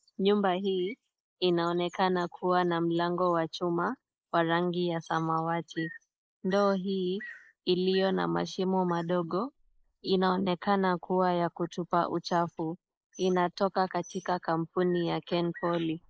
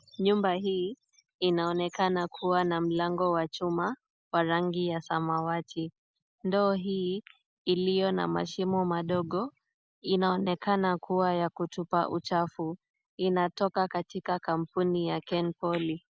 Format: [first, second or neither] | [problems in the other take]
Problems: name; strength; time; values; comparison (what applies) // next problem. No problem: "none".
second | noise reduction (neural mask model Resemble Enhance denoiser)